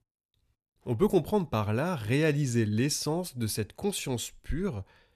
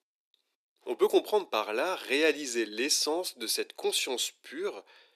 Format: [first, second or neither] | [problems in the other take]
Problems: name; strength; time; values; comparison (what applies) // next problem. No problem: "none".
first | thin; very; fading below 300 Hz